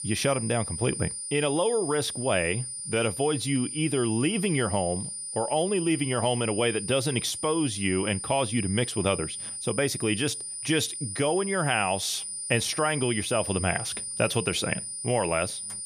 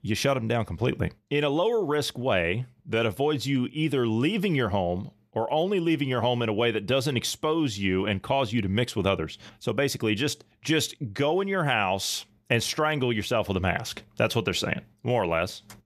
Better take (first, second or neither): second